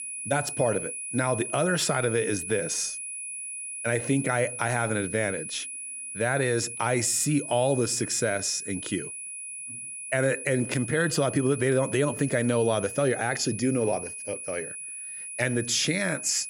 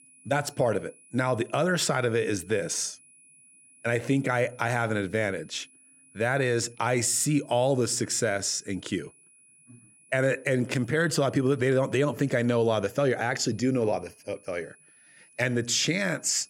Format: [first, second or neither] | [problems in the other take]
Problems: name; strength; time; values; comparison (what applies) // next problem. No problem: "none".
second | high-pitched whine; loud; throughout; 10 kHz, 7 dB below the speech; faint in the second